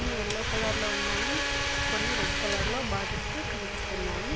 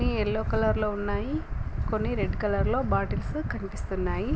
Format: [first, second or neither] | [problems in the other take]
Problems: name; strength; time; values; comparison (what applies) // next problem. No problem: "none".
second | background sound (Domestic sounds, home sounds); 2 dB above the speech